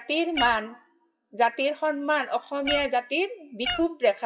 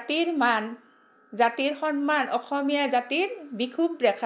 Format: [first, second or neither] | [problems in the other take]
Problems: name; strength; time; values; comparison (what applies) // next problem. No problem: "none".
second | noise reduction (classical method WPE with log-MMSE)